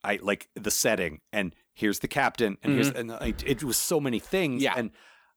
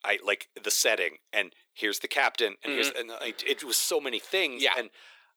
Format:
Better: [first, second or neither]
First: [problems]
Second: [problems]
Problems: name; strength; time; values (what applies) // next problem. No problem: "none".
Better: first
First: none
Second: thin; very; fading below 400 Hz